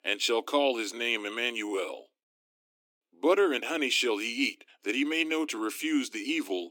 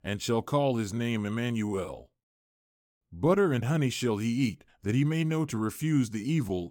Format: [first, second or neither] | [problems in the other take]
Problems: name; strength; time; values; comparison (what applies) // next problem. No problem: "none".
second | thin; somewhat; fading below 300 Hz